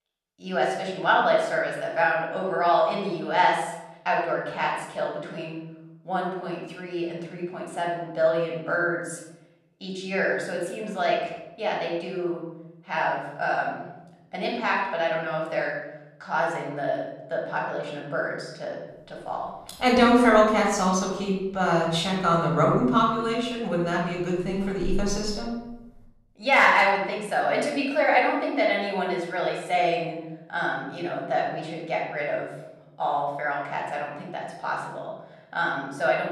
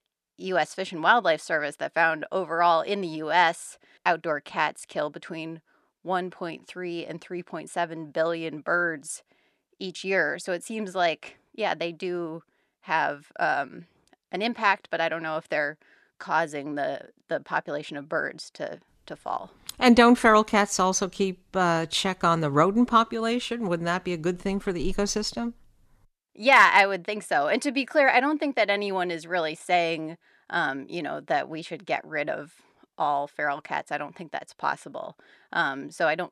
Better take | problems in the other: second | off-mic speech; far // room echo; noticeable; dies away in 1 s

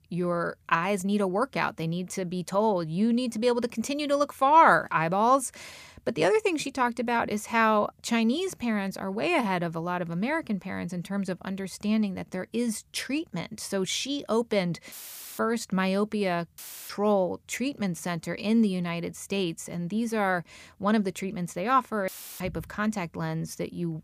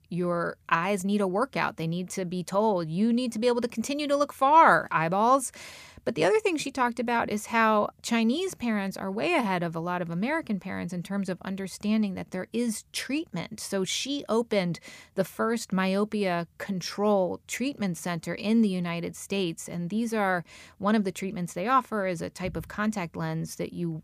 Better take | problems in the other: second | audio cutting out; filled with static; at 15 s, at 17 s and at 22 s

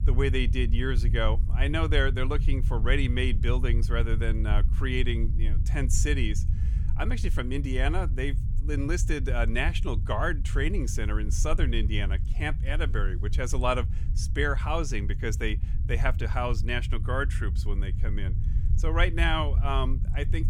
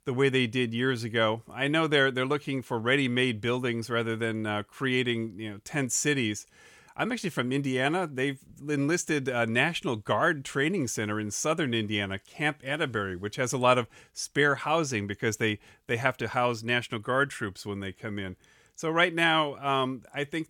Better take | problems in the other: second | low rumble; noticeable; throughout; 15 dB below the speech

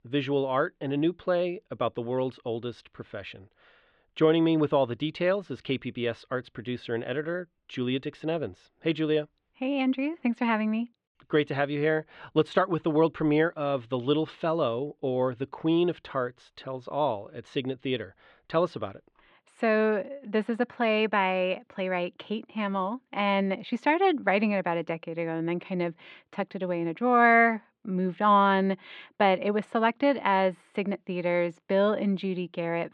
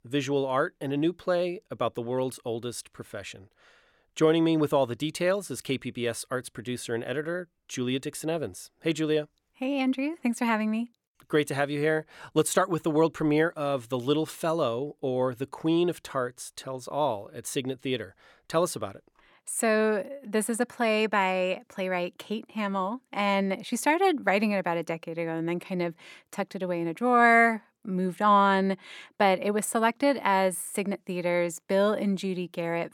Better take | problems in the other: second | muffled; slightly; fading above 3.5 kHz

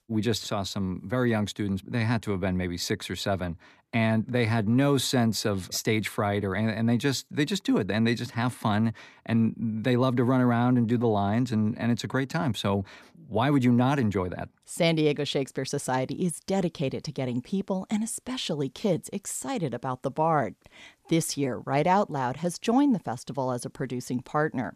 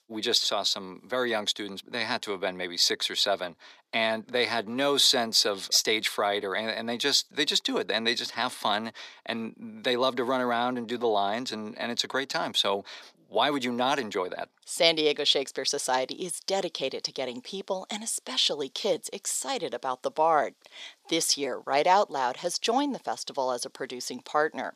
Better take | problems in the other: first | thin; somewhat; fading below 500 Hz

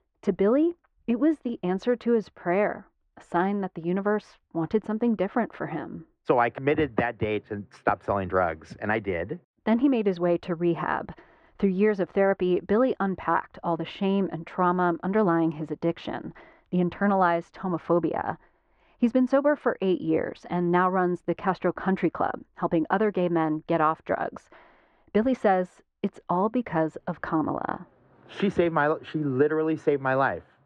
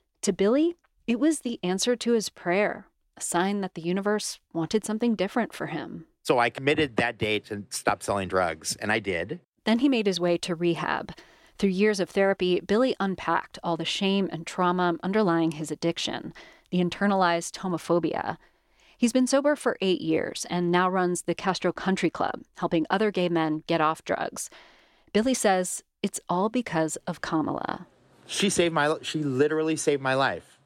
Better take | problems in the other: second | muffled; very; fading above 1.5 kHz

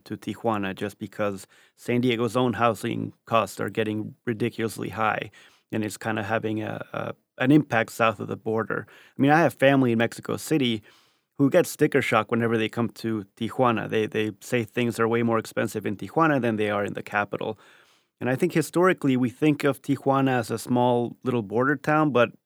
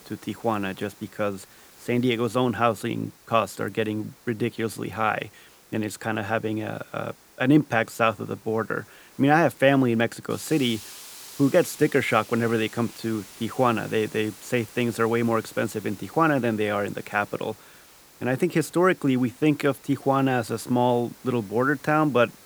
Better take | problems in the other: first | hiss; faint; throughout; 20 dB below the speech

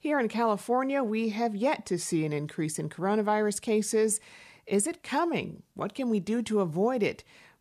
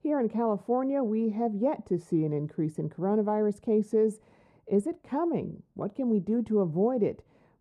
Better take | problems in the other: first | muffled; very; fading above 1.5 kHz

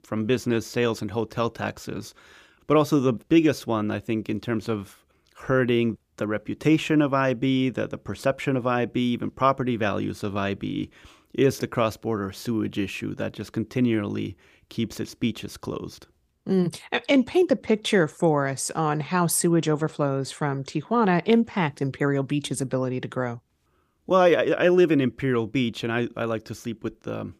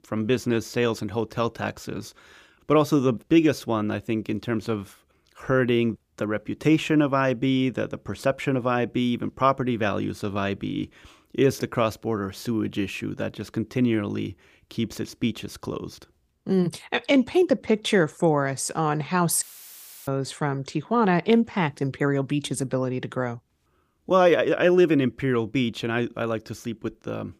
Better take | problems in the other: first | audio cutting out; filled with static; at 19 s for 0.5 s

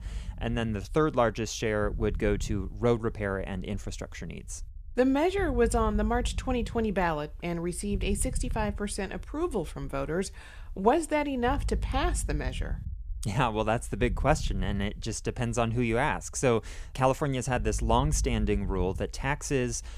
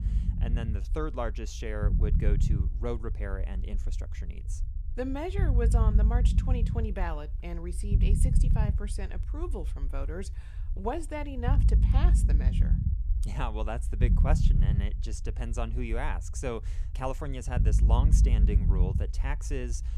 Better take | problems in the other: first | low rumble; loud; throughout; 6 dB below the speech; faint in the first

